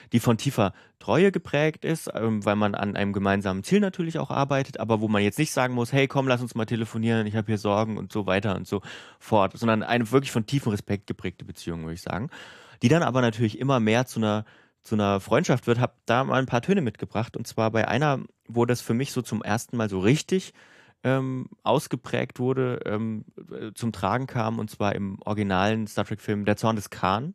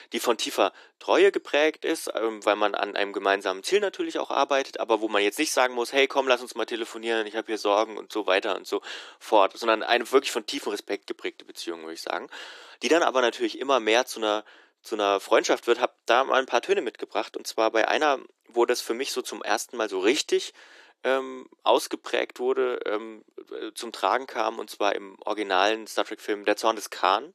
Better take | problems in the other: first | thin; very; fading below 350 Hz

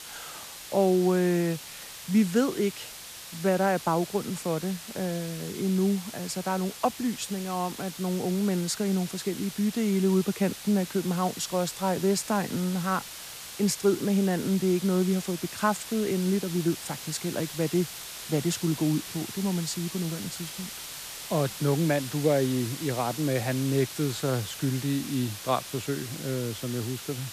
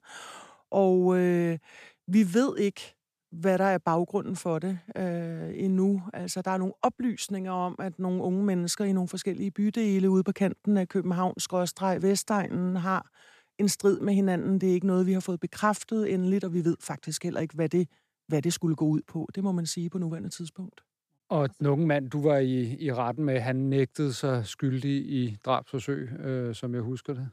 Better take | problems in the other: second | hiss; noticeable; throughout; 10 dB below the speech

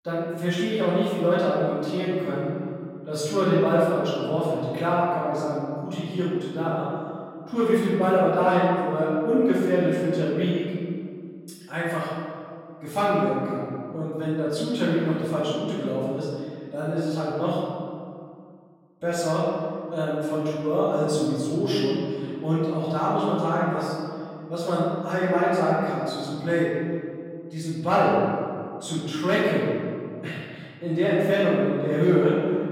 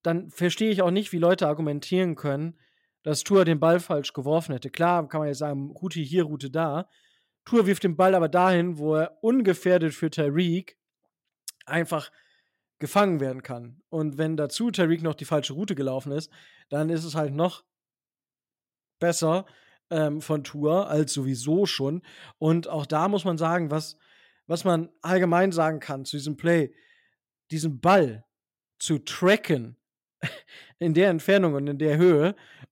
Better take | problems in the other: second | off-mic speech; far // room echo; strong; dies away in 2.1 s

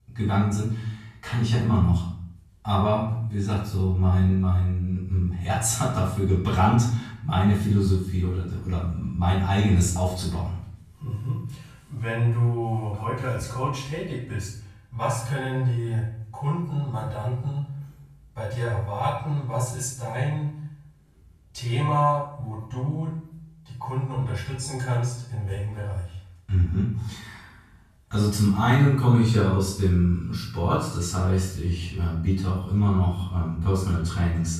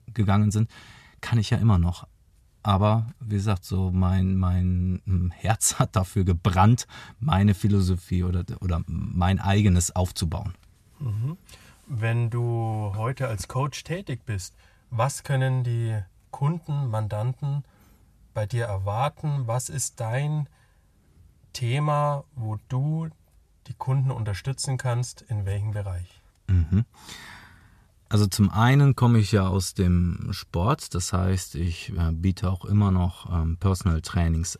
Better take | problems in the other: second | off-mic speech; far // room echo; noticeable; dies away in 0.6 s

